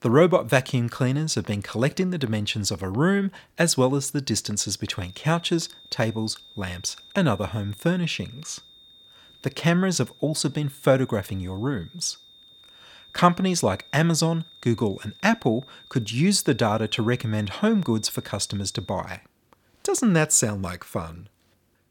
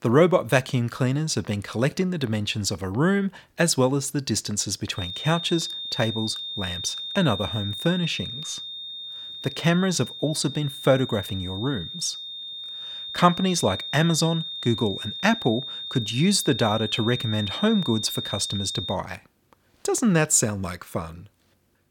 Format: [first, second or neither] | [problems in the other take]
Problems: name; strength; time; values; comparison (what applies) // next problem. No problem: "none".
first | high-pitched whine; loud; from 5 to 19 s; 3.5 kHz, 7 dB below the speech; faint in the first